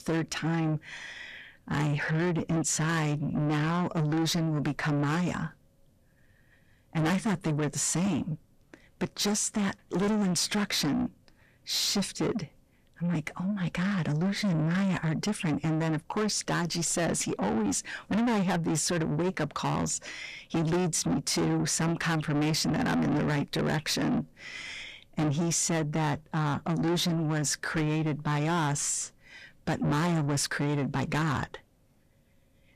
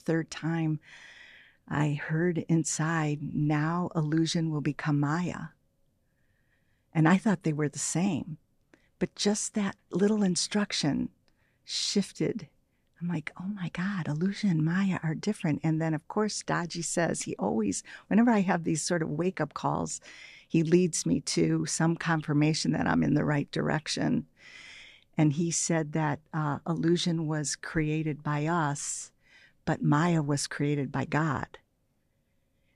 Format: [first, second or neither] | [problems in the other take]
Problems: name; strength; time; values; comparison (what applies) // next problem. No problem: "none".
second | distortion; heavy; 7 dB below the speech